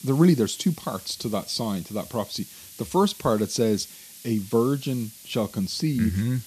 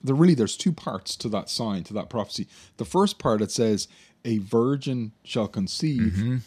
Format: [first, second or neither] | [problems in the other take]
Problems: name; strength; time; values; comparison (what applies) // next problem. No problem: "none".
second | hiss; noticeable; throughout; 15 dB below the speech